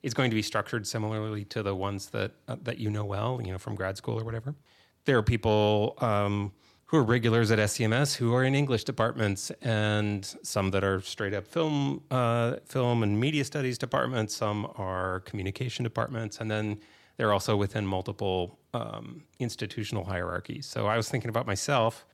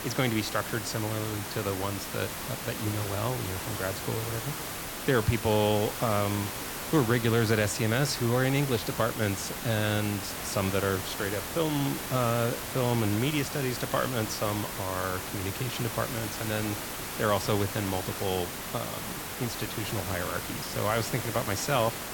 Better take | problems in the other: first | hiss; loud; throughout; 5 dB below the speech

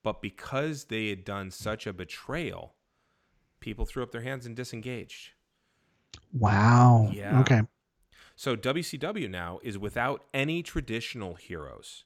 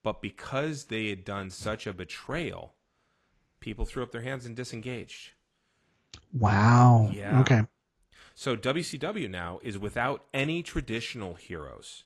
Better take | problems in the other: first | garbled, watery; slightly; nothing above 11.5 kHz

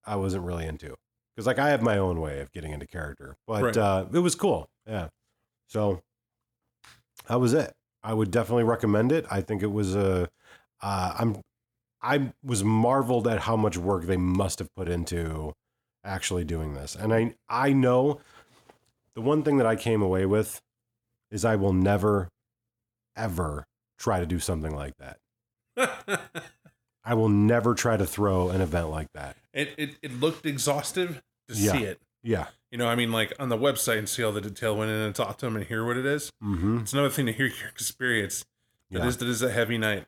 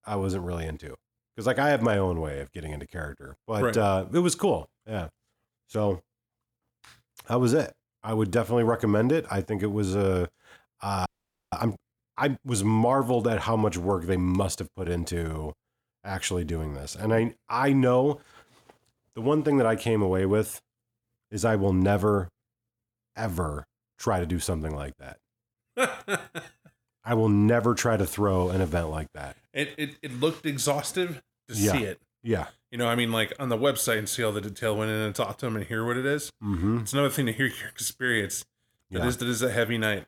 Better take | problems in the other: first | audio freezing; at 11 s

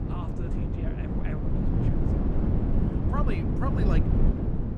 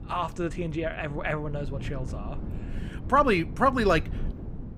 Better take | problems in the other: second | wind noise on the microphone; heavy; 2 dB above the speech; occasional gusts in the second

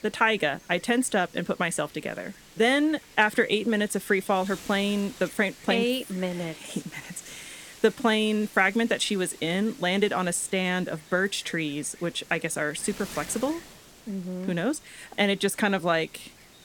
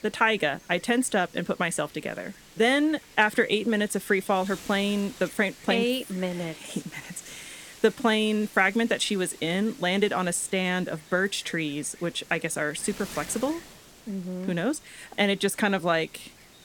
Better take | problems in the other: neither | wind noise on the microphone; occasional gusts; 20 dB below the speech; the same in both

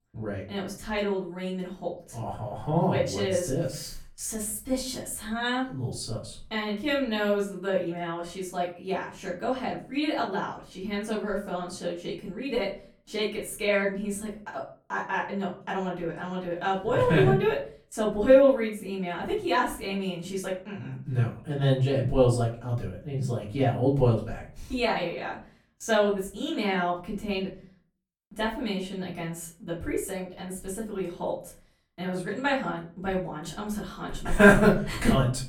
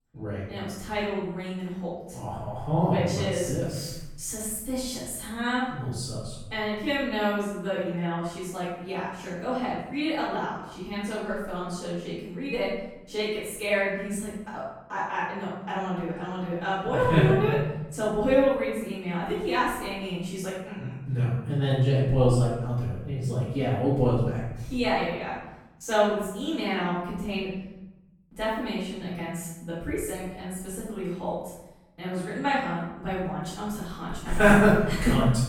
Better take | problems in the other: first | room echo; strong; dies away in 1 s; slight in the first // off-mic speech; far; far in the first

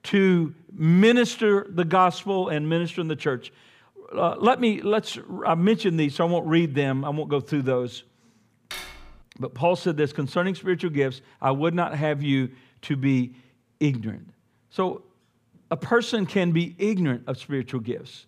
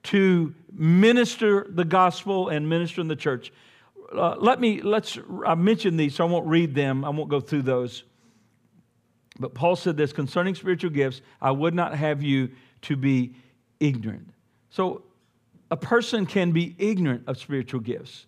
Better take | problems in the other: second | clattering dishes; faint; at 8.5 s; peak 10 dB below the speech

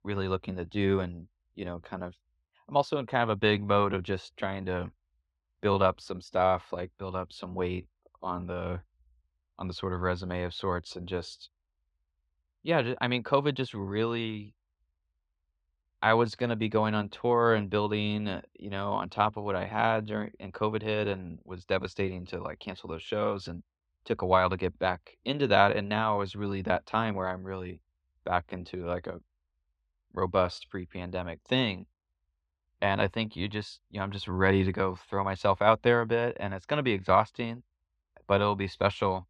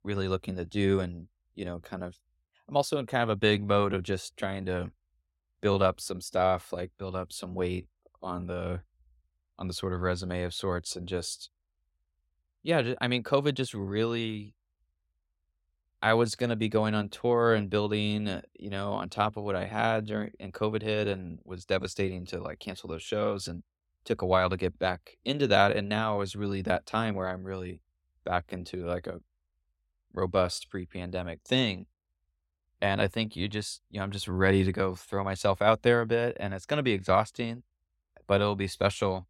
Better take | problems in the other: second | muffled; very slightly; fading above 3.5 kHz

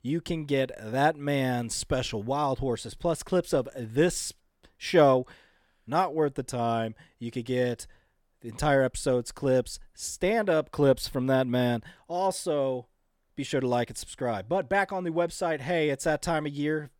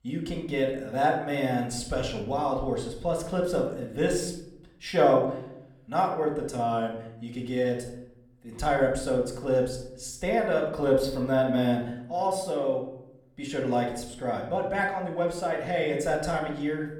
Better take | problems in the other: first | off-mic speech; somewhat distant // room echo; slight; dies away in 0.7 s

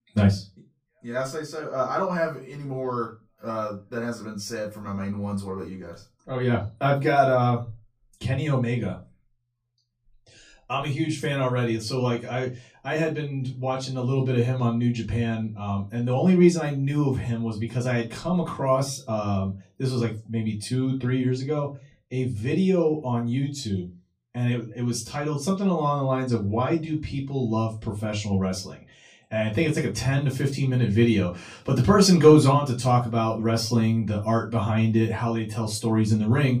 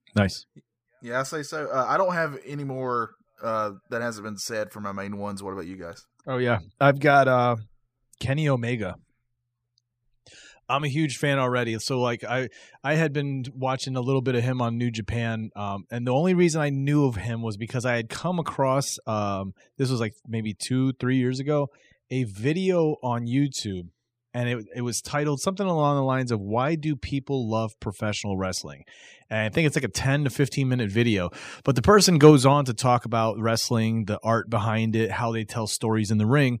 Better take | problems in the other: second | off-mic speech; far // room echo; very slight; dies away in 0.2 s

